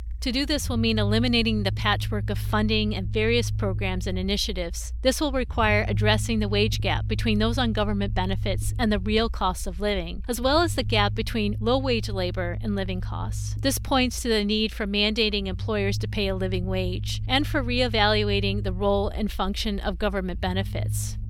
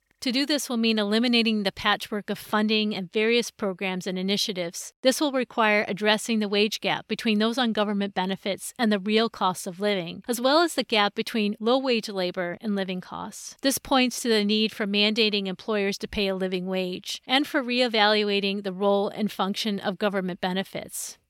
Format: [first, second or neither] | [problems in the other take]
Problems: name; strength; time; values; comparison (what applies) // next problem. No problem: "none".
second | low rumble; faint; throughout; 20 dB below the speech